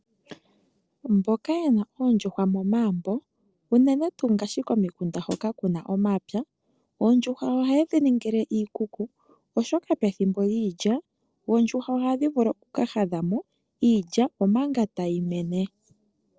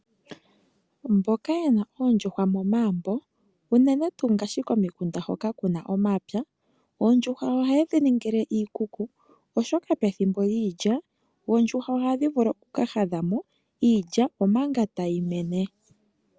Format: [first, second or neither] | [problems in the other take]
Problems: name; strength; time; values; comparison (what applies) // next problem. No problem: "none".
second | noise reduction (neural separator model SepFormer DNS4)